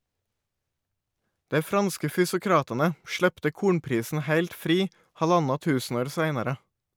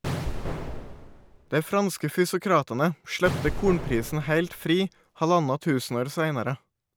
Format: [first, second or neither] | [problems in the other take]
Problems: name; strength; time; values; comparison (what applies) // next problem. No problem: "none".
first | background sound (Explosion); 9 dB below the speech